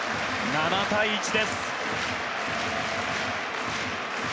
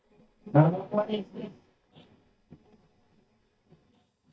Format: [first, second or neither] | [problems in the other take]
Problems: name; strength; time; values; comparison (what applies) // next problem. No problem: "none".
first | noise reduction (neural mask model DeepFilterNet 3)